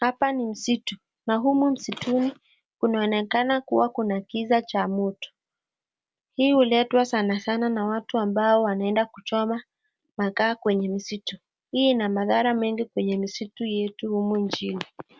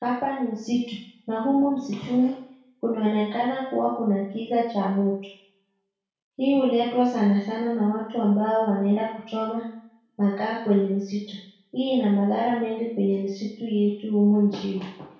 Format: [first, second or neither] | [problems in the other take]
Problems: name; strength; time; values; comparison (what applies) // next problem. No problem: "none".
first | room echo; dies away in 0.6 s